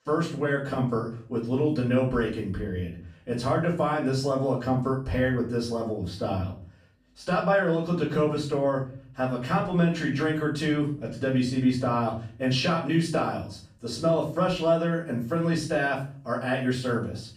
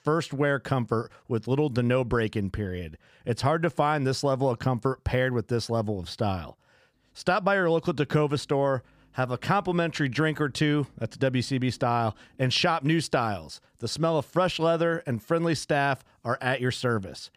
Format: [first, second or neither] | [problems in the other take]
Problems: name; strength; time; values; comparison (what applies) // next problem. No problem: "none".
second | off-mic speech; far // room echo; noticeable; dies away in 0.4 s